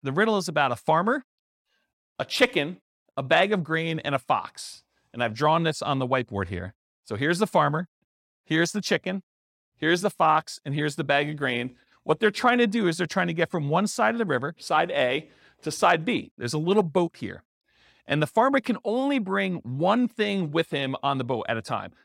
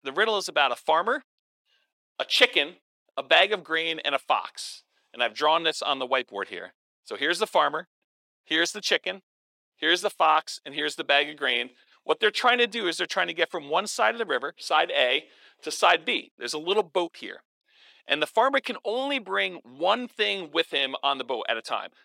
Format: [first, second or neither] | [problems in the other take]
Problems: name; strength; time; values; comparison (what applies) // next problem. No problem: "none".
first | thin; somewhat; fading below 350 Hz